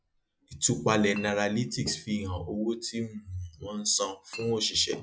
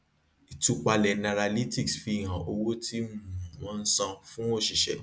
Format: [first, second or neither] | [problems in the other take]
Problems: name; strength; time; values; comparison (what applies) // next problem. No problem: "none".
second | noise reduction (classical method log-MMSE)